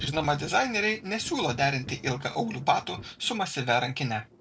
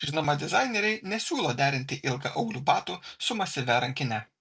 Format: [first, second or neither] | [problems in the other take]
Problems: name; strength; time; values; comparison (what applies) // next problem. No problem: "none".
second | background sound (Thunder / Rain); 18 dB below the speech